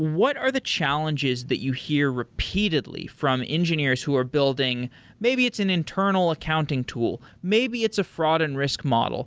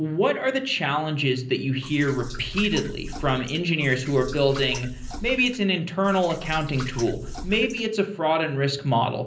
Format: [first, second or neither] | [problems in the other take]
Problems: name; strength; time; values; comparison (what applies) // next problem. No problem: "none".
first | background sound (Liquid); 11 dB below the speech // room echo; dies away in 0.5 s